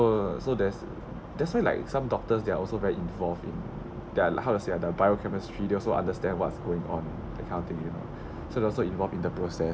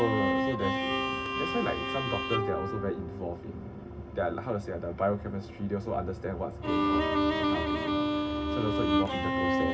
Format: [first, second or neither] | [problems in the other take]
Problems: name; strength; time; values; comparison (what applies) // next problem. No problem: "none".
first | background sound (Bowed string instrument); 2 dB above the speech // room echo; dies away in 0.4 s